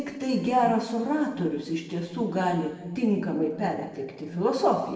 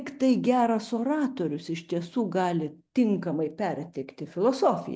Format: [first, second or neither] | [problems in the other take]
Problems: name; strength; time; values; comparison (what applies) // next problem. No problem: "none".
second | background sound (Alarm); 16 dB below the speech // room echo; dies away in 1.2 s